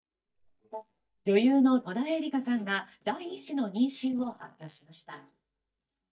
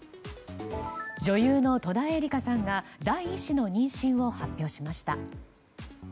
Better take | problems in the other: second | noise reduction (neural mask model DeepFilterNet 3)

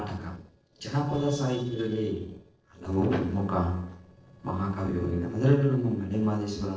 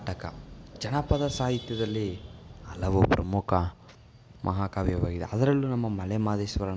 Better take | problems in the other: second | noise reduction (neural separator model SepFormer DNS4)

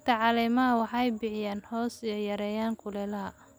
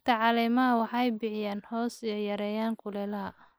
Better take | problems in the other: first | noise reduction (neural mask model Resemble Enhance denoiser)

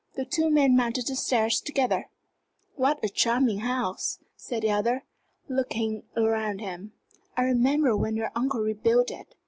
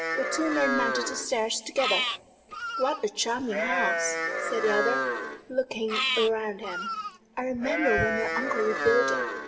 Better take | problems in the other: first | background sound (Livestock, farm animals, working animals); as loud as the speech // room echo; dies away in 1.5 s

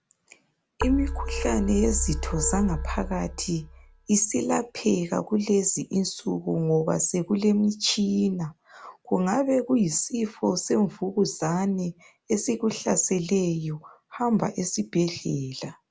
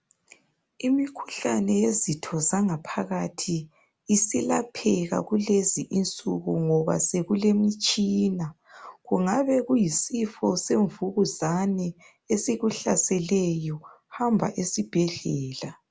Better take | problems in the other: second | background sound (Keyboard (musical)); 5 dB below the speech

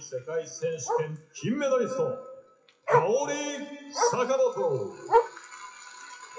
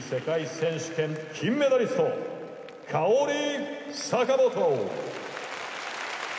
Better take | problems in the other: second | noise reduction (classical method WPE with log-MMSE)

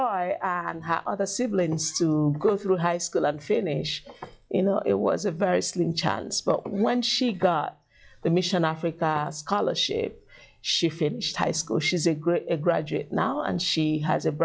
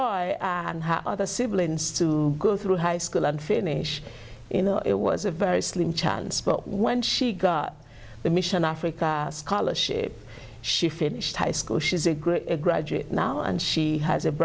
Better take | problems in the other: second | noise reduction (classical method log-MMSE)

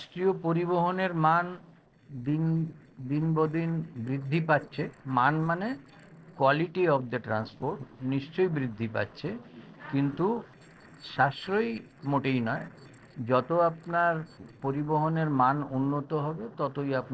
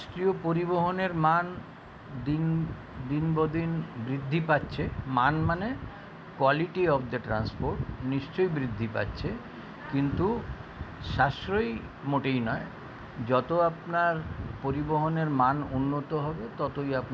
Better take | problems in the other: second | noise reduction (neural separator model SepFormer DNS4)

